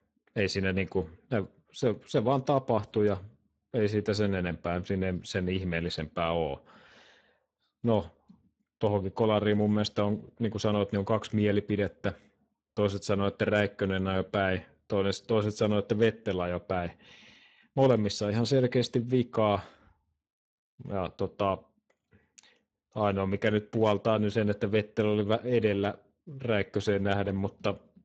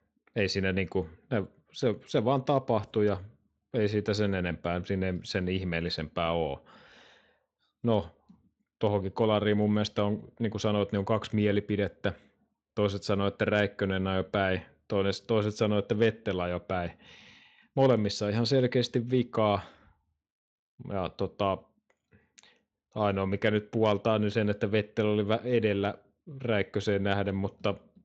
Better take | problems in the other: second | garbled, watery; badly; nothing above 7.5 kHz; slightly in the second

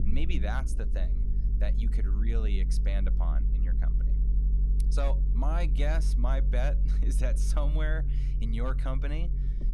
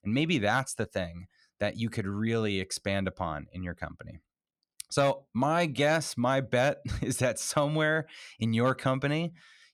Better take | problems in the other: second | low rumble; loud; throughout; 9 dB below the speech

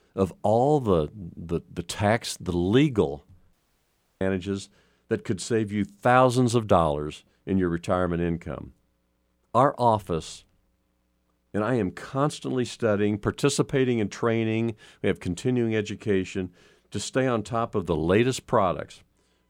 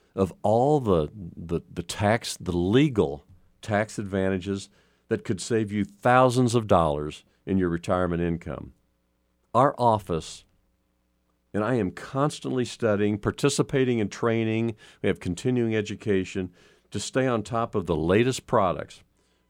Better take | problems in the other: second | audio cutting out; at 3.5 s for 0.5 s

